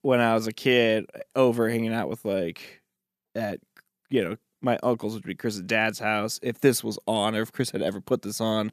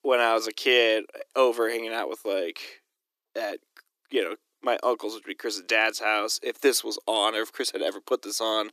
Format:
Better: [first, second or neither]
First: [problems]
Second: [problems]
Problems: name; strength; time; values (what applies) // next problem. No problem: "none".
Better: first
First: none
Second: thin; somewhat; fading below 300 Hz